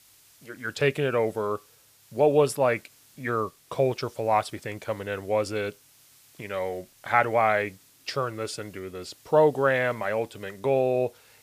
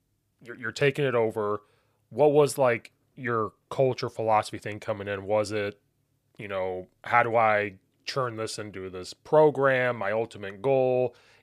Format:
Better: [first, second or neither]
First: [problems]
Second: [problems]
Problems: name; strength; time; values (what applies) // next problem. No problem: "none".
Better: second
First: hiss; faint; throughout; 30 dB below the speech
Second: none